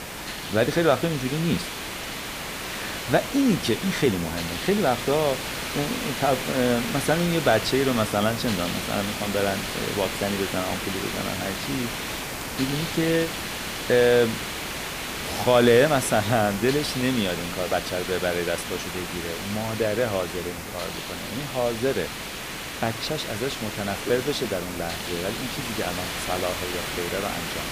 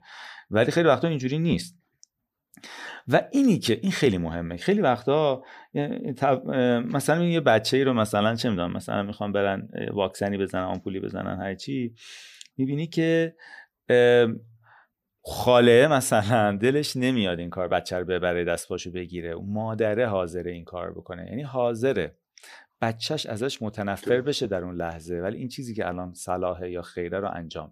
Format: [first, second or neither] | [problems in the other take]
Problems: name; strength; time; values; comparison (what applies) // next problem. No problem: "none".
second | hiss; loud; throughout; 5 dB below the speech